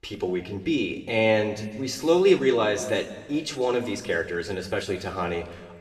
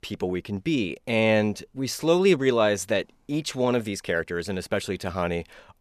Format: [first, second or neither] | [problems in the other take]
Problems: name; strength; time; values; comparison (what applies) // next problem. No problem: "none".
second | room echo; slight; dies away in 1.3 s